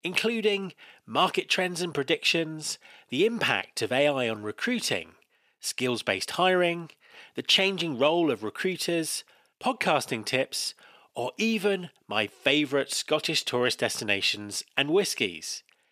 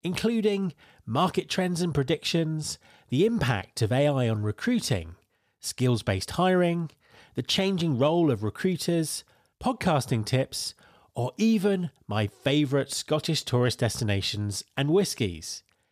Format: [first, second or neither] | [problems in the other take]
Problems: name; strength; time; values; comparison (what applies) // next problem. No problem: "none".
second | thin; somewhat; fading below 300 Hz